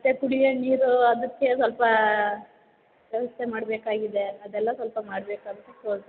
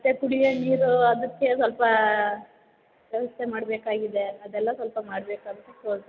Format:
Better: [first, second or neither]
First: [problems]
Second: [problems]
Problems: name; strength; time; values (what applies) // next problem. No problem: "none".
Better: first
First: none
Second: background sound (Guitar); 19 dB below the speech